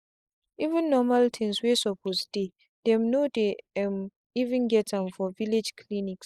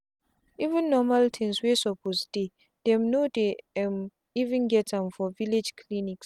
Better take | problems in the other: second | noise reduction (neural mask model Resemble Enhance denoiser)

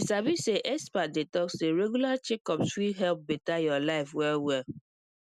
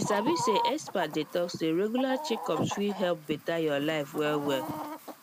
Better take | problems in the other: first | background sound (Chicken, rooster); 7 dB below the speech

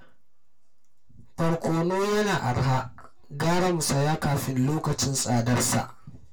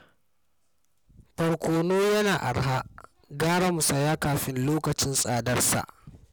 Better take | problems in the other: second | room echo; dies away in 0.2 s

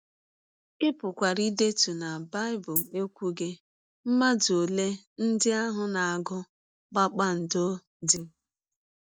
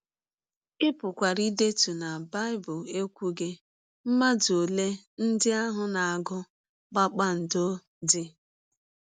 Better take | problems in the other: second | noise reduction (neural mask model DeepFilterNet 3)

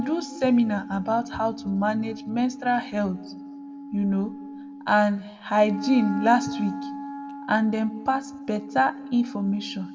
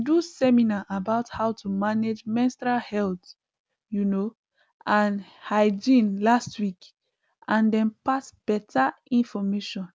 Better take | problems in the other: second | background sound (Wind instrument, woodwind instrument); 11 dB below the speech // room echo; dies away in 0.8 s

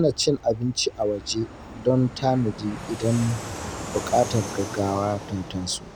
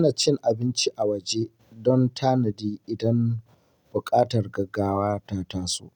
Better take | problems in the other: second | background sound (Fixed-wing aircraft, airplane); 11 dB below the speech

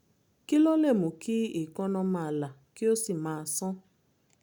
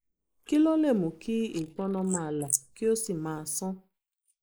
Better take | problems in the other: first | noise reduction (neural mask model Resemble Enhance denoiser)

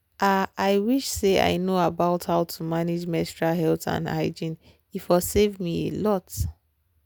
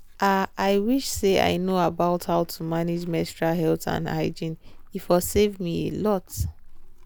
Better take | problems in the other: first | background sound (Livestock, farm animals, working animals); 17 dB below the speech

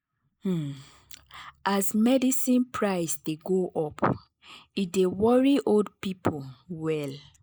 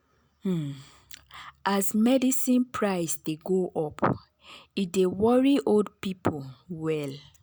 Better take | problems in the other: second | noise reduction (neural mask model Resemble Enhance denoiser)

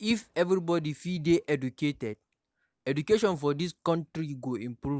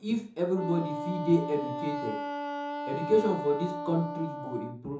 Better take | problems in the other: first | background sound (Wind instrument, woodwind instrument); 6 dB below the speech // room echo; dies away in 0.5 s

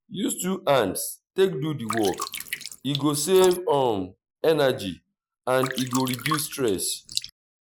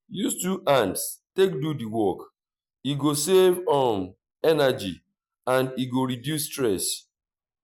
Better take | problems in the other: second | noise reduction (neural mask model Resemble Enhance denoiser)

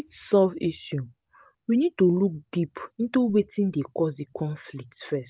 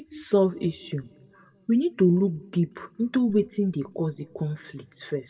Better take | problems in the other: first | room echo; dies away in 1.1 s

